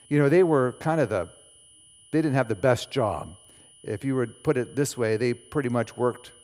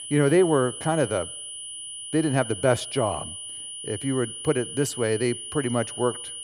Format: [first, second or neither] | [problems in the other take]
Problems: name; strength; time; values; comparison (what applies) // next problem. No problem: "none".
first | high-pitched whine; loud; throughout; 9.5 kHz, 9 dB below the speech; faint in the first